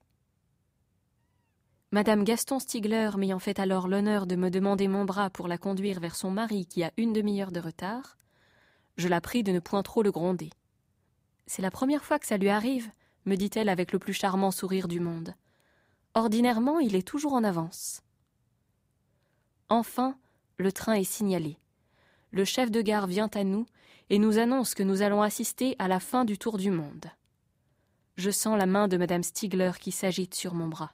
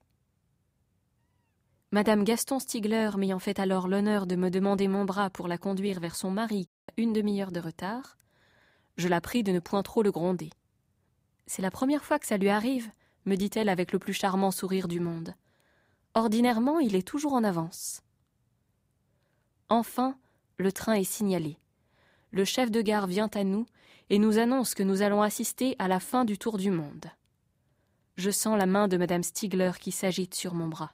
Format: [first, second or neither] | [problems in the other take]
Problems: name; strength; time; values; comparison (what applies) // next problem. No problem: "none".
first | audio cutting out; at 6.5 s